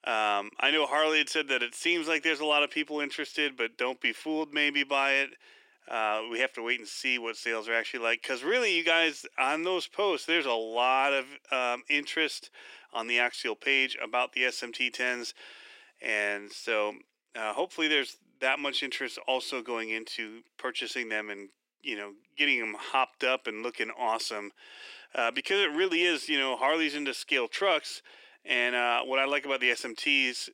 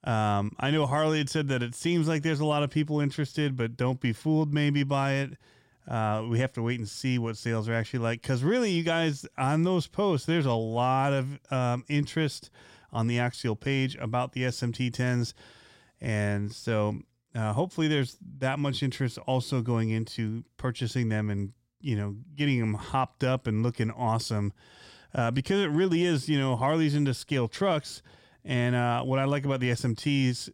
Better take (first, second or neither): second